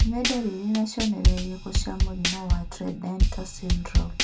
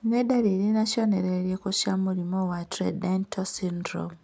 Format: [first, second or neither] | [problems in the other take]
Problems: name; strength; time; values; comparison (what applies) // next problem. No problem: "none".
second | background sound (Drum / Drum kit); 5 dB above the speech // room echo; dies away in 0.2 s